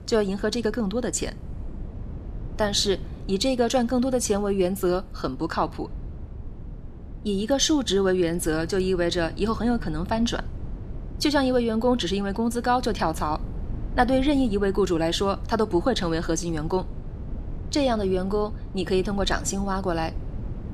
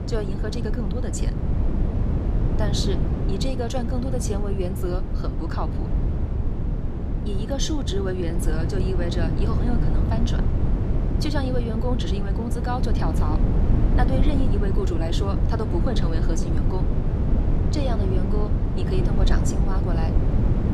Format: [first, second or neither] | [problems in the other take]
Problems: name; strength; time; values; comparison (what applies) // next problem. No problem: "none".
first | low rumble; loud; throughout; 2 dB below the speech; faint in the first